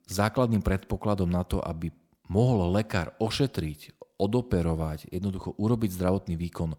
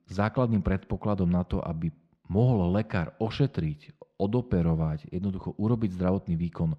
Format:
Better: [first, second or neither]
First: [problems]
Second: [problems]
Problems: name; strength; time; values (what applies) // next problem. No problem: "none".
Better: first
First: none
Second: muffled; slightly; fading above 3 kHz